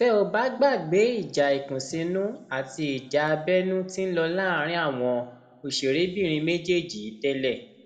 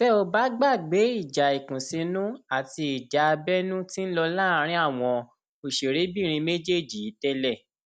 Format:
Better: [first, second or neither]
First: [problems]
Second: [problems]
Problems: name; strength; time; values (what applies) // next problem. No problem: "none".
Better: second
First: room echo; dies away in 1 s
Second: none